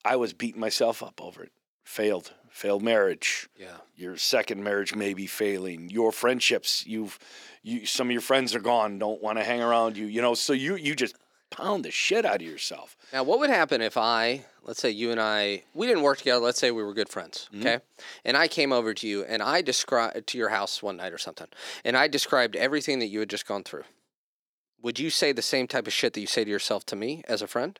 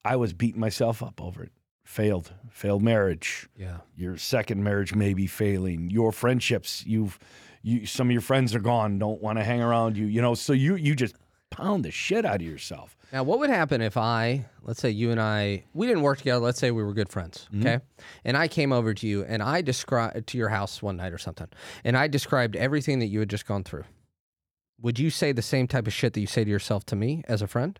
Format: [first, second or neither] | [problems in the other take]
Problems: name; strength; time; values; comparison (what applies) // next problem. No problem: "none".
second | thin; somewhat; fading below 300 Hz